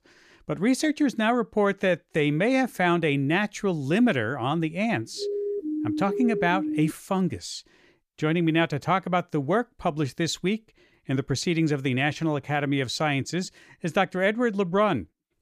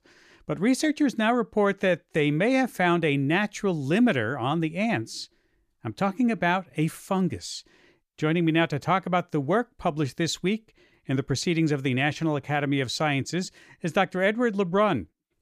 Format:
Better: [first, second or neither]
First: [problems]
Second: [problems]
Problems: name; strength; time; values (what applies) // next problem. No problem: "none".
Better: second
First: siren; noticeable; from 5 to 7 s; peak 3 dB below the speech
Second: none